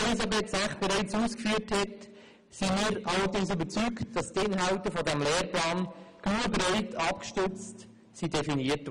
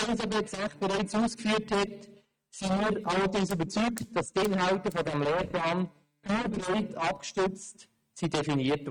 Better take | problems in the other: first | noise reduction (neural mask model RNNoise)

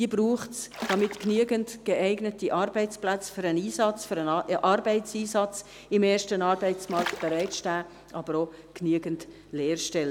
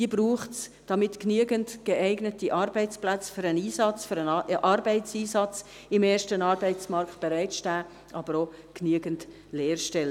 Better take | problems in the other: second | background sound (Water / Splash, splatter); 10 dB below the speech

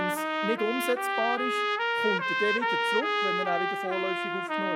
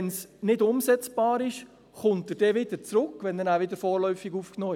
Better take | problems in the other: second | background sound (Trumpet); 4 dB above the speech

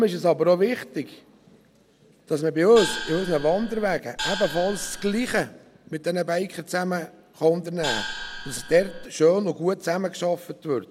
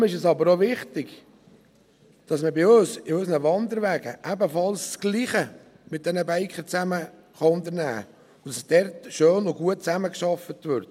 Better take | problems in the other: second | background sound (Gong); 8 dB below the speech

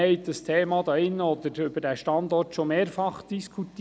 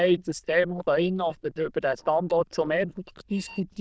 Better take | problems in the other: first | noise reduction (neural diffusion model UNIVERSE++)

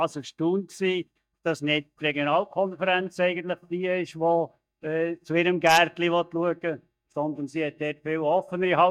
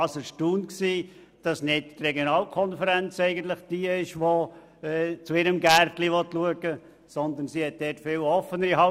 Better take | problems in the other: second | noise reduction (neural mask model DeepFilterNet 3)

